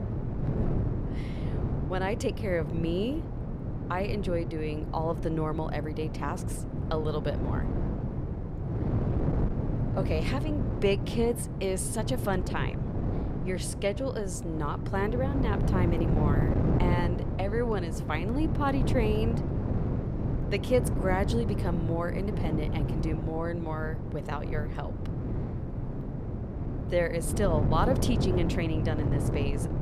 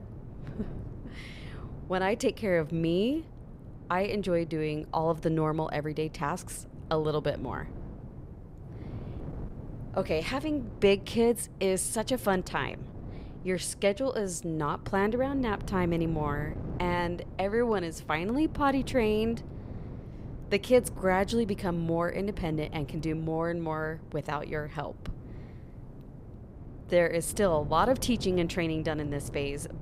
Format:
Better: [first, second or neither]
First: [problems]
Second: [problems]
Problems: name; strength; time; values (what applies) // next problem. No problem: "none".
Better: second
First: wind noise on the microphone; heavy; 6 dB below the speech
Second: wind noise on the microphone; occasional gusts; 20 dB below the speech